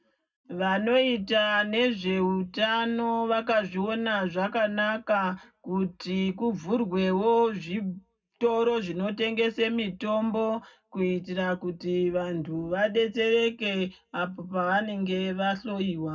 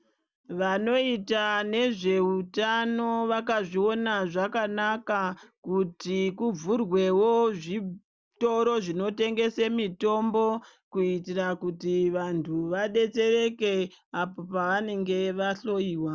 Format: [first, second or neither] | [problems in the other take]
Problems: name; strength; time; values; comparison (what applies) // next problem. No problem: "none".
second | room echo; dies away in 0.3 s